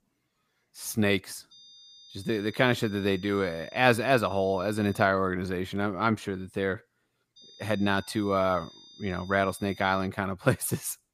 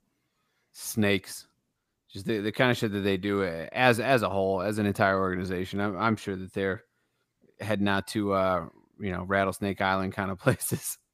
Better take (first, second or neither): second